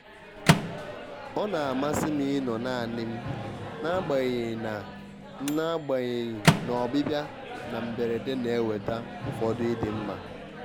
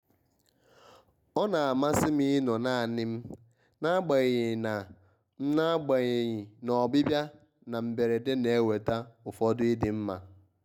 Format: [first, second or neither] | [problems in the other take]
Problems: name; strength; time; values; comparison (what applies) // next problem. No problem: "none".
second | background sound (Microwave oven); 2 dB below the speech